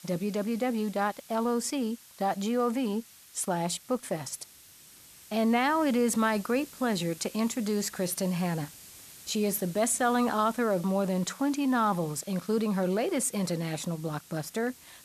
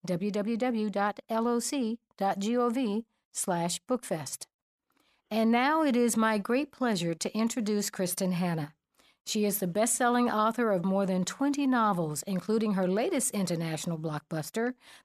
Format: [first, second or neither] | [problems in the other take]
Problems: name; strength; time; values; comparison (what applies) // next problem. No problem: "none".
second | hiss; noticeable; throughout; 20 dB below the speech